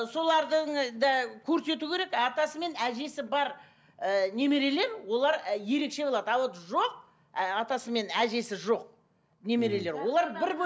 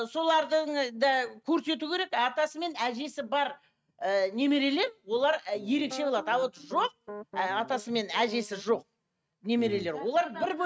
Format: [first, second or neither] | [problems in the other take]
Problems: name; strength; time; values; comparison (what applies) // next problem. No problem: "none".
first | noise reduction (neural mask model RNNoise)